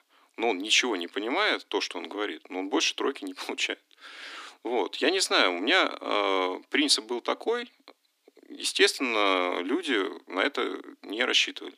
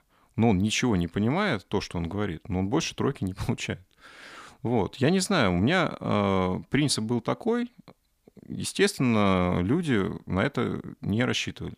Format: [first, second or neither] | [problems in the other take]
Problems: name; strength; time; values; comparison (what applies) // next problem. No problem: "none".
second | thin; somewhat; fading below 250 Hz